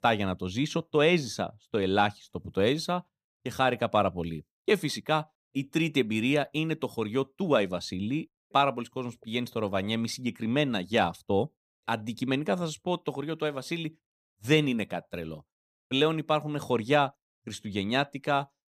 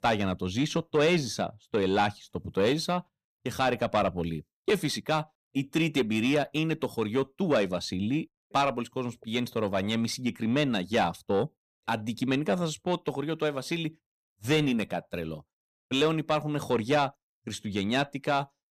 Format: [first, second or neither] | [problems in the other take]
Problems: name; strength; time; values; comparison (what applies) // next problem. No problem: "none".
first | distortion; slight; 10 dB below the speech